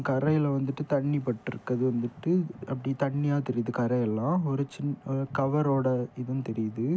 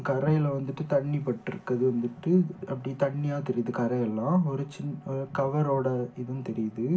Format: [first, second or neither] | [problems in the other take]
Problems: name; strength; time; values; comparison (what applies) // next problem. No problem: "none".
first | room echo; dies away in 0.3 s